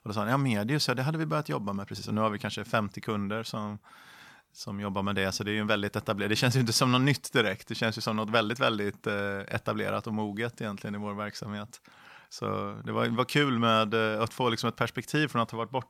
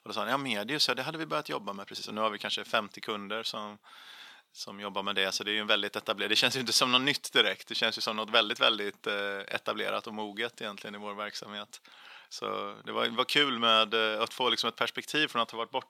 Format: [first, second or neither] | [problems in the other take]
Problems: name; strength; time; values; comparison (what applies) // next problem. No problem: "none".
first | thin; somewhat; fading below 350 Hz